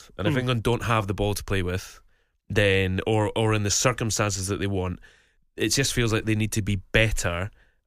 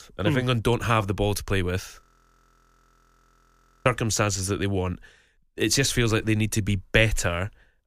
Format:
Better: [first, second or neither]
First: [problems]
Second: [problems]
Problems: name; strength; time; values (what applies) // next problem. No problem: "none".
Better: first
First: none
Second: audio freezing; at 2 s for 2 s